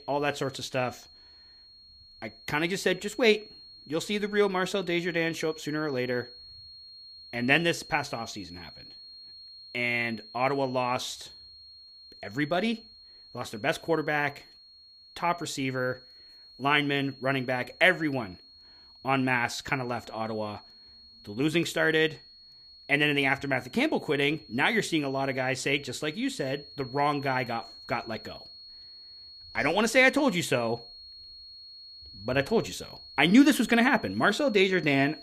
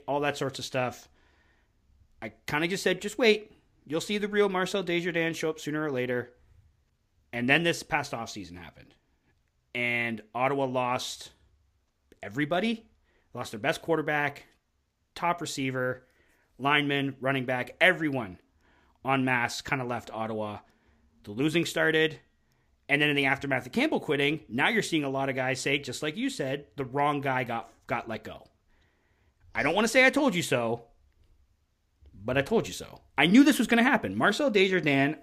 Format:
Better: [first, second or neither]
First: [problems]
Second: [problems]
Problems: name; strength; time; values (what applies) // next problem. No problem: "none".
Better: second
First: high-pitched whine; noticeable; throughout; 4.5 kHz, 20 dB below the speech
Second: none